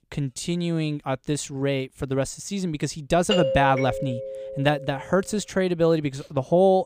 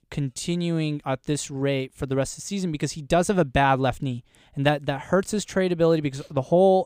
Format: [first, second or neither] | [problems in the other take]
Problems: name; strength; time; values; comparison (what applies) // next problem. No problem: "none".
second | doorbell; loud; from 3.5 to 5 s; peak 1 dB above the speech